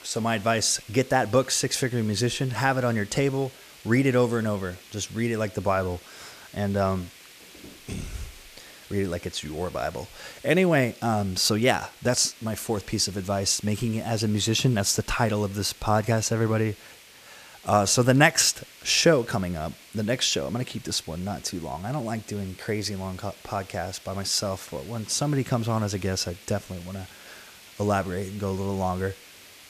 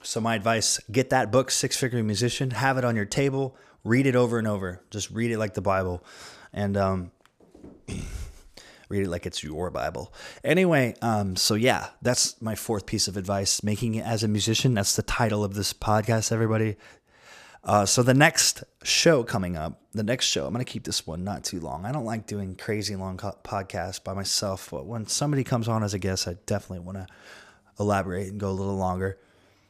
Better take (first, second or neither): second